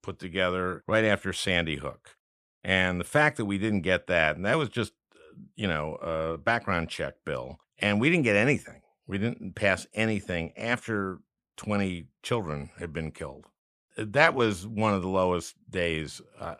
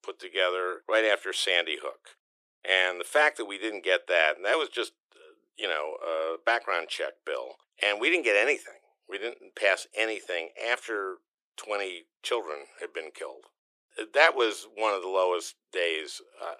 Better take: first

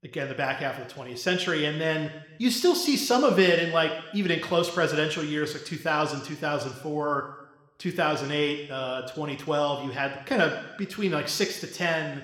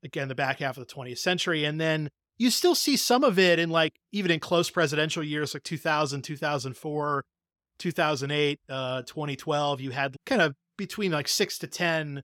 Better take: second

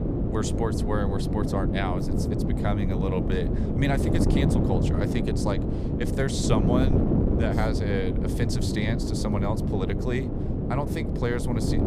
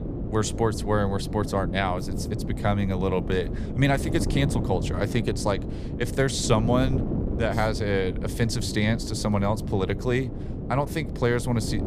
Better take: second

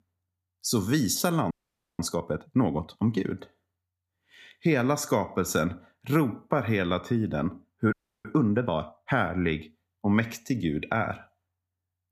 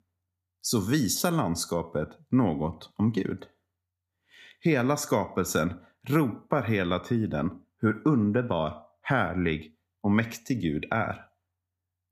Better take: second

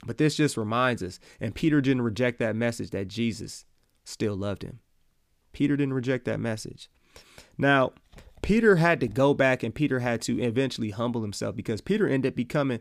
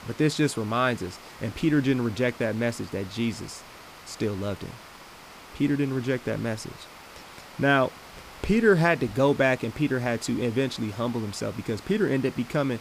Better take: first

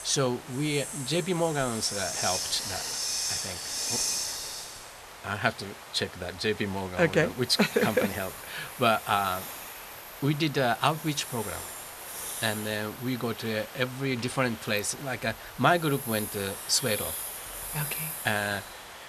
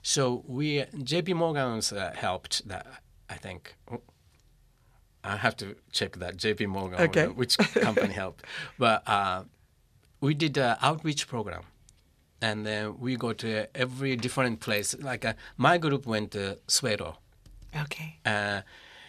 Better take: second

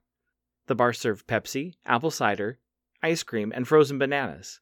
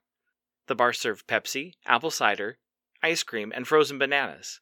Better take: first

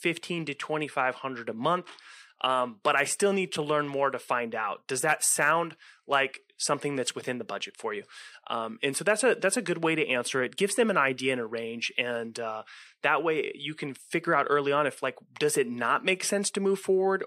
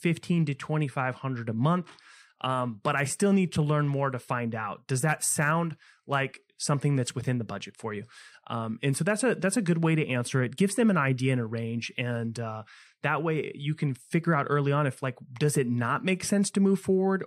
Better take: second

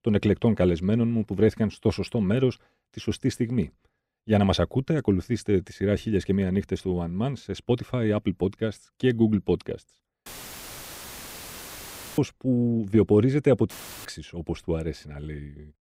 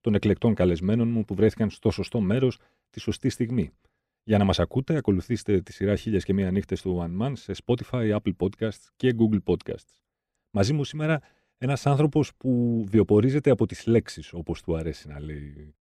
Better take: second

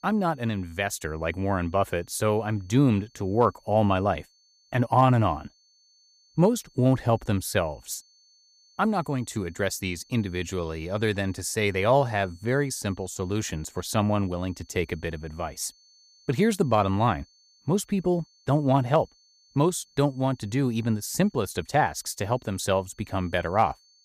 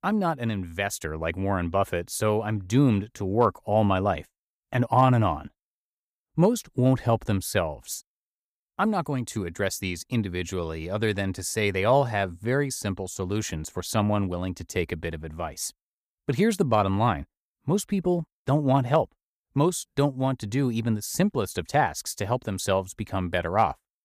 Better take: second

